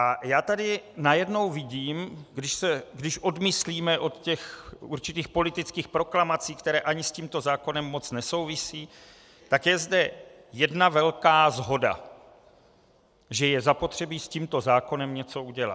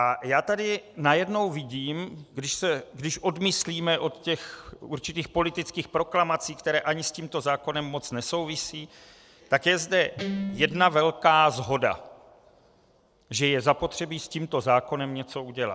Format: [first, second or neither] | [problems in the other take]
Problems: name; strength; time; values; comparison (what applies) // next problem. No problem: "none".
first | noise reduction (neural separator model SepFormer DNS4)